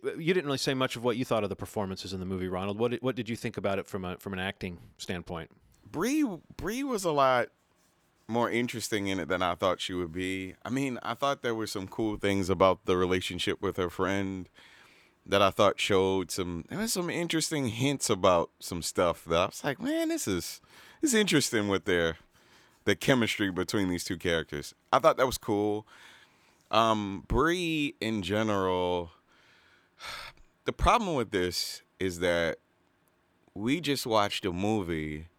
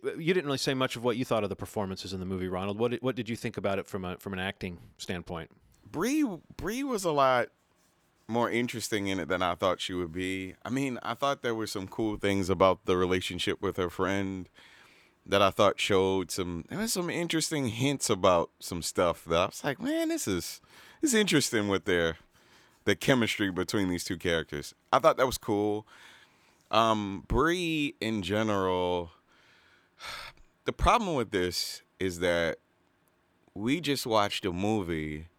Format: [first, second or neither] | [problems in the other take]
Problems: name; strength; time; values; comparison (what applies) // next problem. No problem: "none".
neither | none